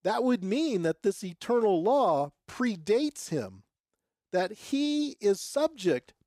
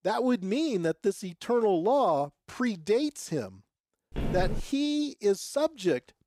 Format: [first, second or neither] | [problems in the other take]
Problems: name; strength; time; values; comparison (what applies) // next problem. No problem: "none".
first | footsteps; noticeable; at 4 s; peak 4 dB below the speech